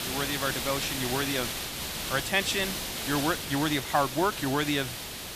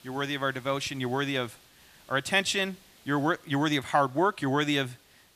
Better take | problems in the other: second | hiss; loud; throughout; 3 dB below the speech; faint in the second

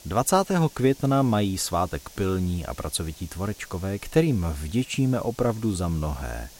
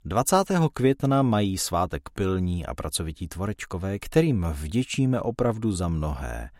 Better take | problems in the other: second | hiss; faint; throughout; 20 dB below the speech

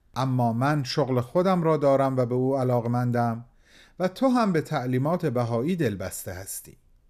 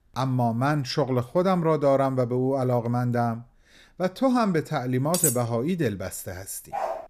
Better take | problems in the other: first | clattering dishes; loud; at 5 s; peak 1 dB above the speech // dog barking; noticeable; at 6.5 s; peak 6 dB below the speech

